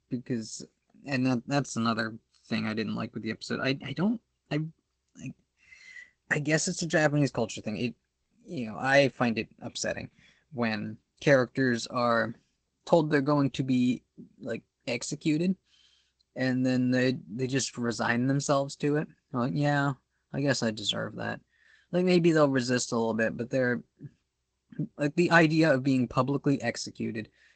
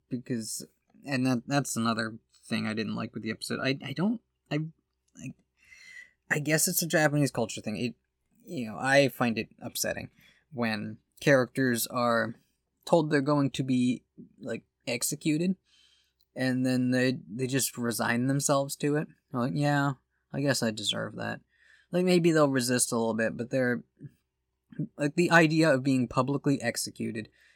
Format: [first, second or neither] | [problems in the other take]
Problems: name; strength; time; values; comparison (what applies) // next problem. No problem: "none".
second | garbled, watery; slightly; nothing above 8 kHz